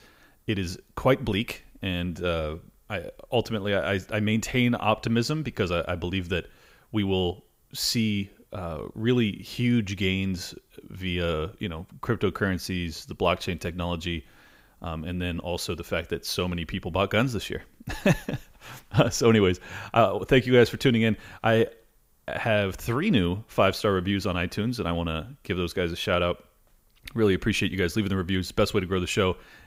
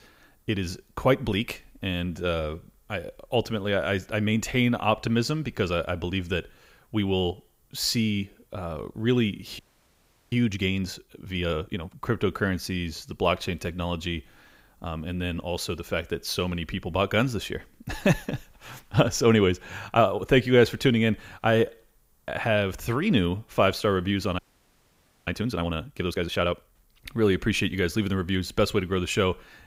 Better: first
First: none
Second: audio freezing; at 9.5 s for 0.5 s and at 24 s for 1 s

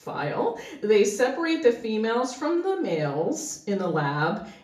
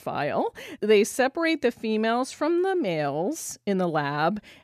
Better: second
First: room echo; slight; dies away in 0.4 s // off-mic speech; far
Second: none

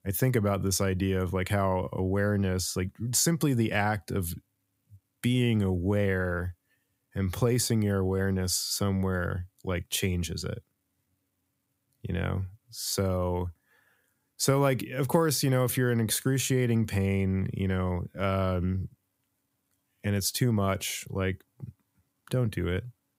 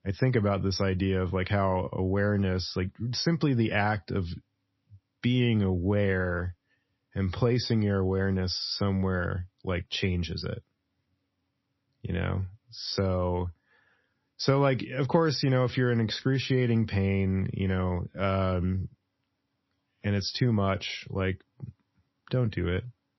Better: first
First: none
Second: garbled, watery; slightly; nothing above 5.5 kHz

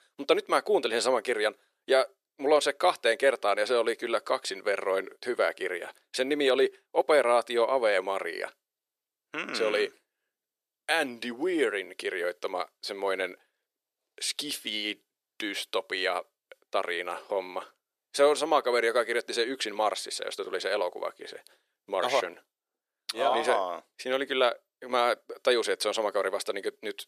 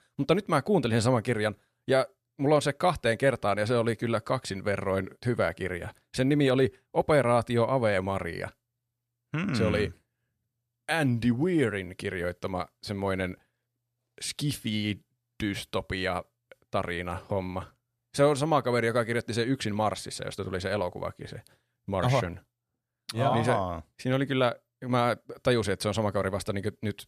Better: second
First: thin; very; fading below 400 Hz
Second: none

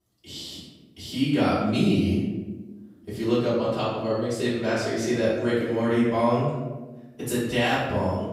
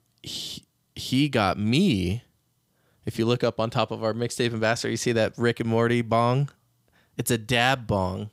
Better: second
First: off-mic speech; far // room echo; noticeable; dies away in 1.1 s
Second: none

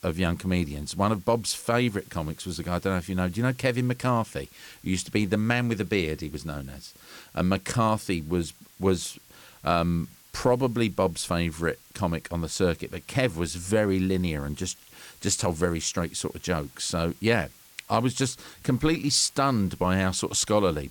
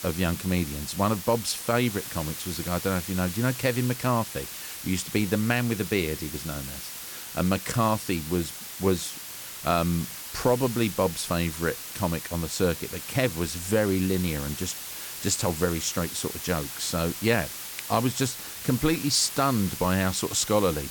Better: first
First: hiss; faint; throughout; 25 dB below the speech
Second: hiss; loud; throughout; 8 dB below the speech

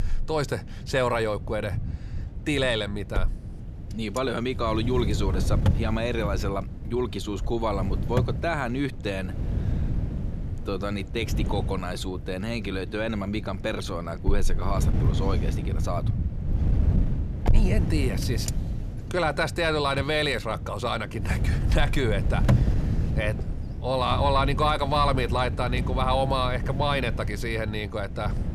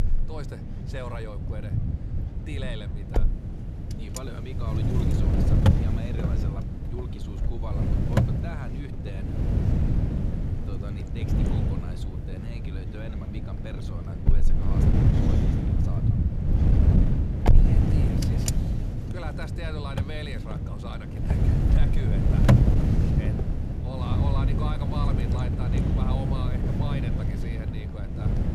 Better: first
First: wind noise on the microphone; occasional gusts; 10 dB below the speech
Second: wind noise on the microphone; heavy; 5 dB above the speech

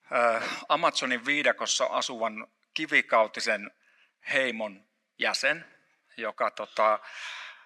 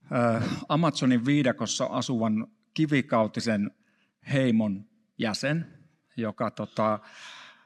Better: second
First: thin; very; fading below 700 Hz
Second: none

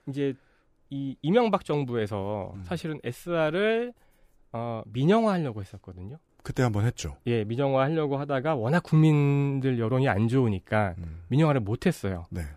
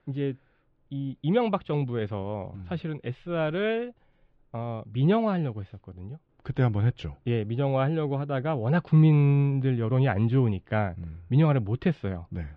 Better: first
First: none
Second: muffled; slightly; fading above 3.5 kHz

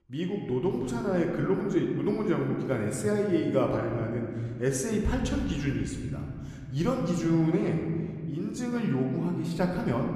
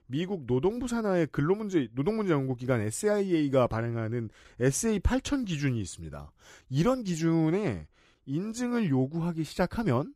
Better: second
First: room echo; noticeable; dies away in 2.1 s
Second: none

